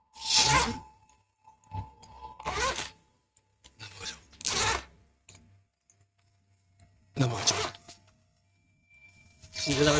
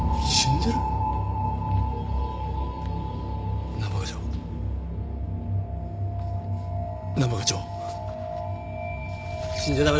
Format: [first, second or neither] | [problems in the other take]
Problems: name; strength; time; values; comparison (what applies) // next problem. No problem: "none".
second | noise reduction (neural mask model RNNoise)